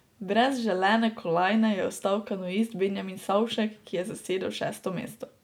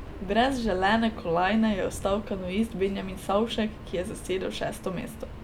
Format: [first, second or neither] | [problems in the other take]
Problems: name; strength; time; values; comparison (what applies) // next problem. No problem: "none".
first | background sound (Subway, metro, underground); 12 dB below the speech